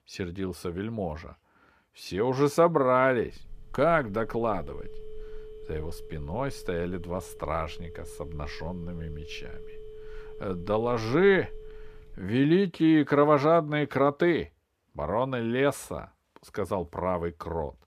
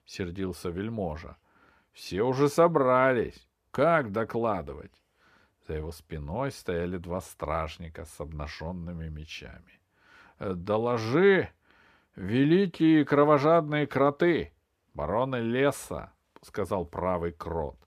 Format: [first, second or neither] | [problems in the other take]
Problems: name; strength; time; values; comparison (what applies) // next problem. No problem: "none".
second | phone ringing; faint; from 3.5 to 12 s; peak 20 dB below the speech